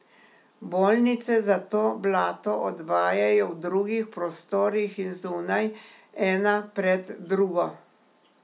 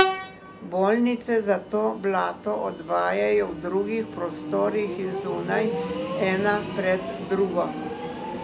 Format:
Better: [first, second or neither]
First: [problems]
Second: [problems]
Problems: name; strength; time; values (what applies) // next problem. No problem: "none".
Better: first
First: none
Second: background sound (Train); 6 dB below the speech